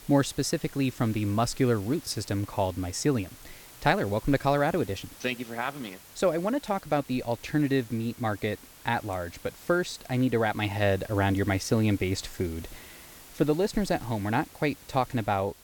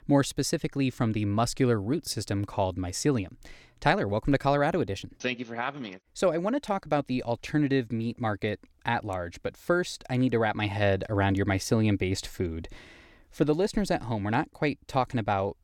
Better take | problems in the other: second | hiss; noticeable; throughout; 20 dB below the speech

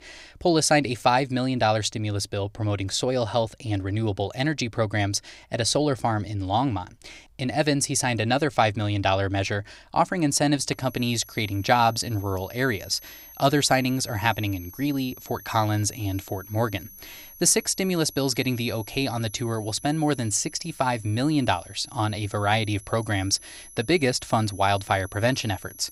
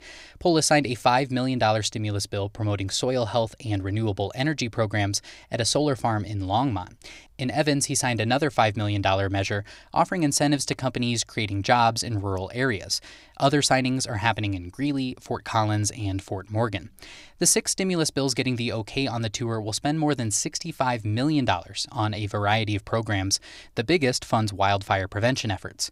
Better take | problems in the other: second | high-pitched whine; noticeable; from 11 s on; 11.5 kHz, 20 dB below the speech

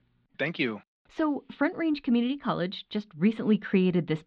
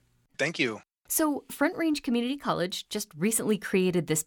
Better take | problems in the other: second | muffled; slightly; fading above 4 kHz

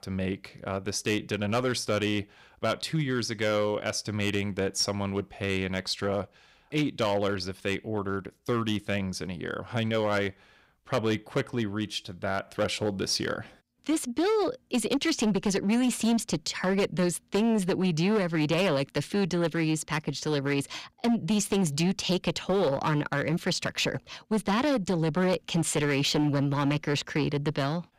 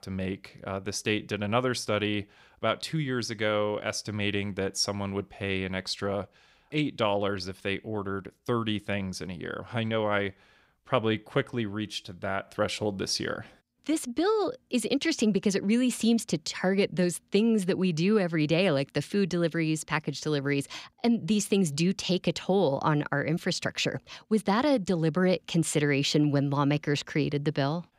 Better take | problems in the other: second | distortion; slight; 8% of the sound clipped

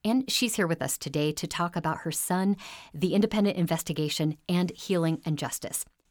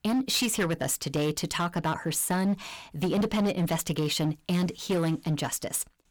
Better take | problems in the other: first | distortion; slight; 12% of the sound clipped

